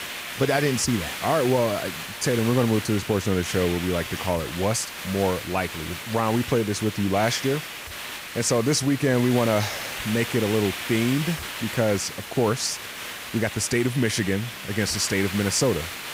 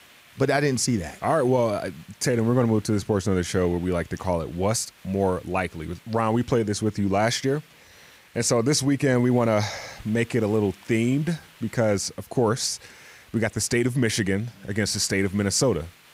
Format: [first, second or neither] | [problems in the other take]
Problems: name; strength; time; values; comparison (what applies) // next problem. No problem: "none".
second | hiss; loud; throughout; 8 dB below the speech; faint in the second